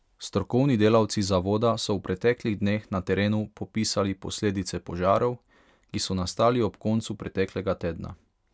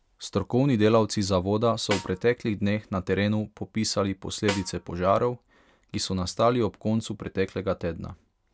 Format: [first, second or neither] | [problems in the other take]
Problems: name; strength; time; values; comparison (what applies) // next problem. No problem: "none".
first | background sound (Snare drum); 10 dB below the speech